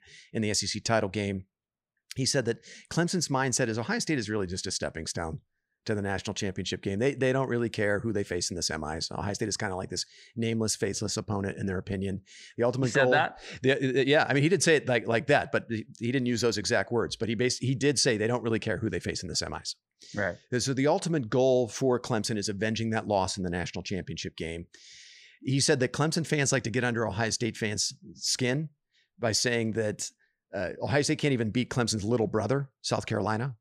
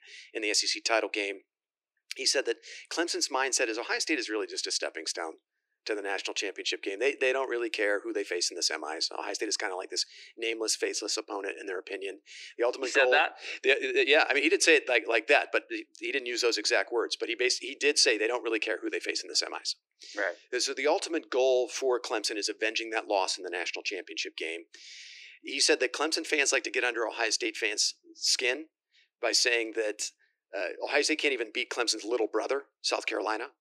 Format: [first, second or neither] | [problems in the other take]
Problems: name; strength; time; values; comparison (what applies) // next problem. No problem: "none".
first | thin; very; fading below 300 Hz